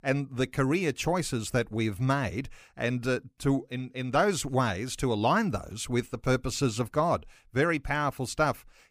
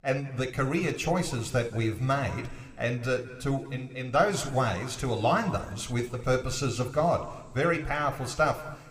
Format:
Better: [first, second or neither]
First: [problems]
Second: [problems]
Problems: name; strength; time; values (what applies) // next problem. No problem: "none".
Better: first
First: none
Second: room echo; slight; dies away in 2.8 s